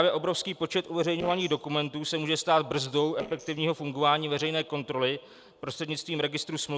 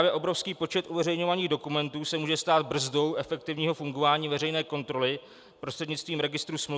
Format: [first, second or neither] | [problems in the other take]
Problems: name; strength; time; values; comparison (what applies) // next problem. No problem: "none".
second | noise reduction (neural separator model SepFormer DNS4)